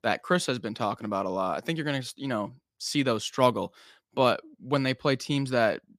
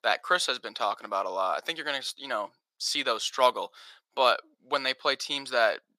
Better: first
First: none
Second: thin; very; fading below 700 Hz

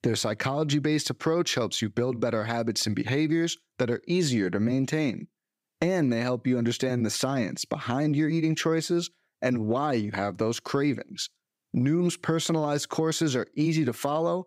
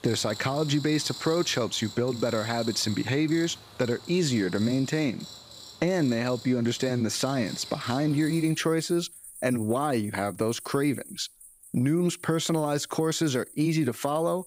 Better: first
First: none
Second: animal sounds; noticeable; throughout; 15 dB below the speech

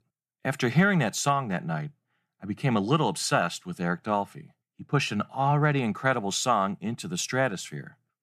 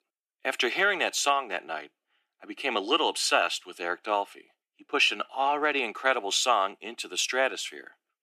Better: first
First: none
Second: thin; very; fading below 300 Hz

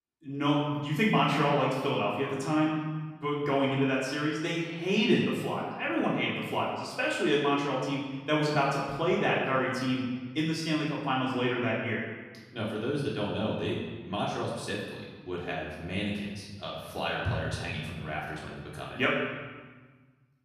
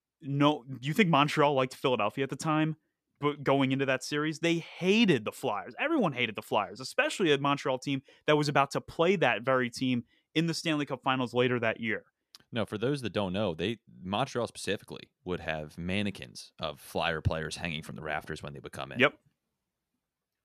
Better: second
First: off-mic speech; far // room echo; noticeable; dies away in 1.3 s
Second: none

